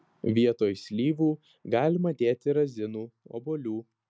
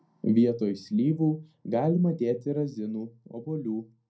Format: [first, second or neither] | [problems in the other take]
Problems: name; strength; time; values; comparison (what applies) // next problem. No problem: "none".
first | room echo; dies away in 0.2 s